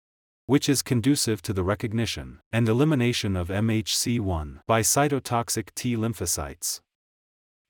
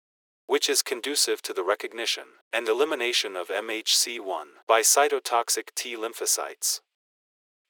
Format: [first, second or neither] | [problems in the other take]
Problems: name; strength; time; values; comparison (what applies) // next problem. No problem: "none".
first | thin; very; fading below 400 Hz